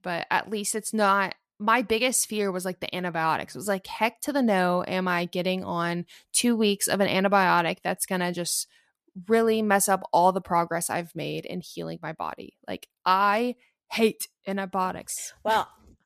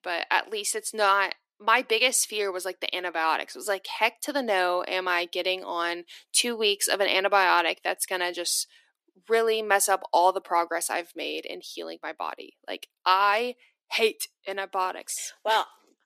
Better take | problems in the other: first | thin; somewhat; fading below 300 Hz

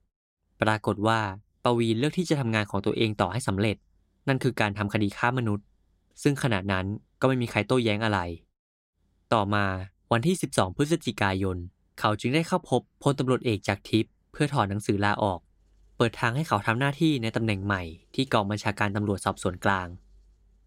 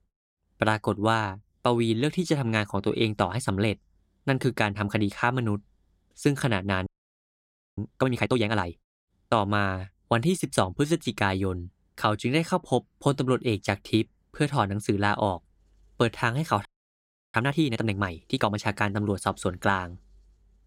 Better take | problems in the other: first | audio freezing; at 7 s for 1 s and at 17 s for 0.5 s

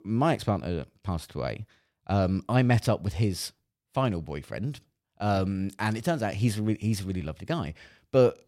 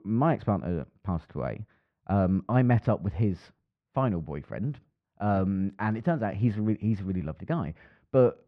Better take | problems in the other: first | muffled; very; fading above 1.5 kHz

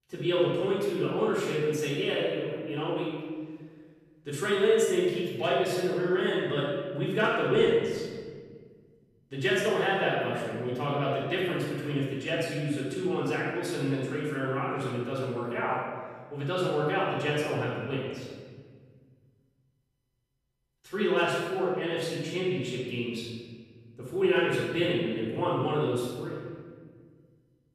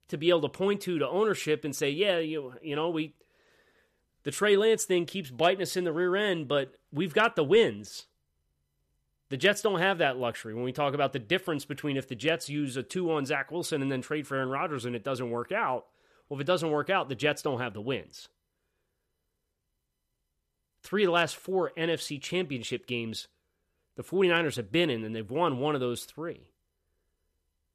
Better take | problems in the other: second | off-mic speech; far // room echo; strong; dies away in 1.7 s

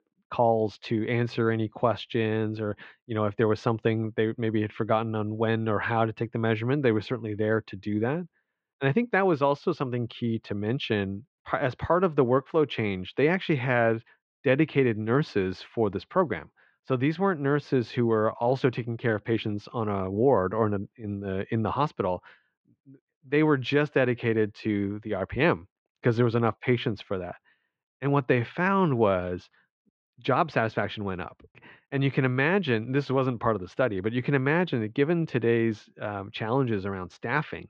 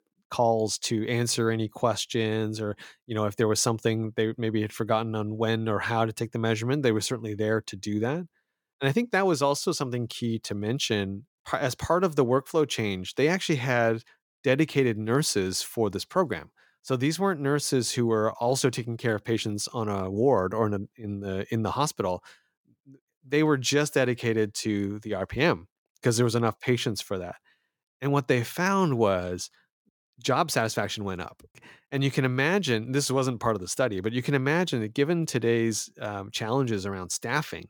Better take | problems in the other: second | muffled; very; fading above 3 kHz

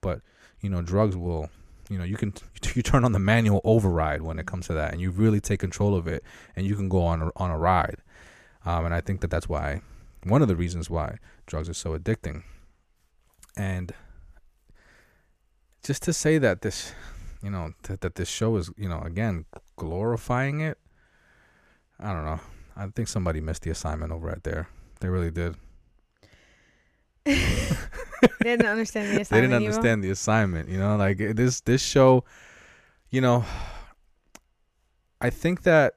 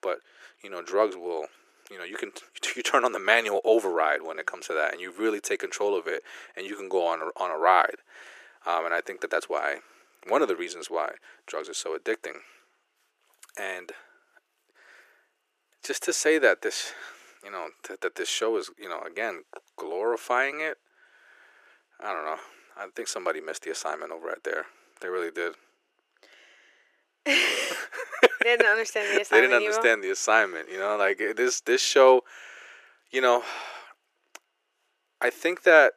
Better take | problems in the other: first | thin; very; fading below 350 Hz

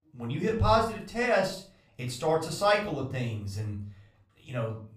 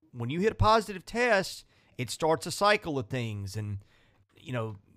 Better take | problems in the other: second | off-mic speech; somewhat distant // room echo; slight; dies away in 0.4 s

